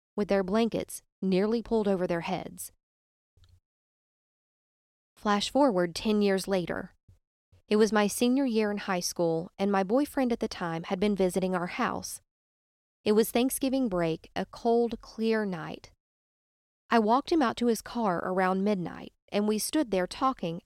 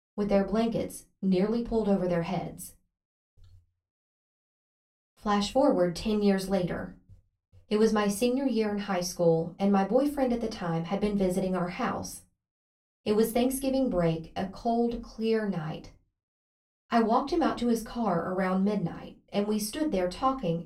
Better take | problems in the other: first | off-mic speech; far // room echo; very slight; dies away in 0.2 s

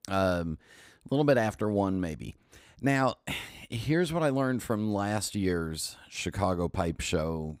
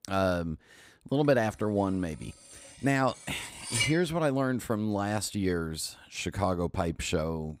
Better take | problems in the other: first | clattering dishes; loud; at 3.5 s; peak 1 dB above the speech

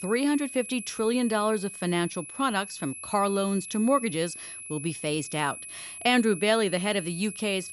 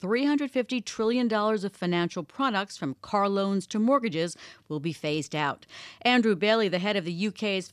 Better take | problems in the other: second | high-pitched whine; noticeable; throughout; 11 kHz, 10 dB below the speech

